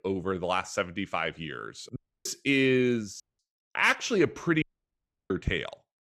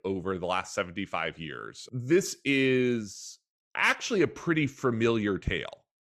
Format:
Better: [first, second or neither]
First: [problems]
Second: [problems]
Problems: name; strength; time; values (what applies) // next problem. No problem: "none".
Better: second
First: audio cutting out; at 2 s, at 3 s and at 4.5 s for 0.5 s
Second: none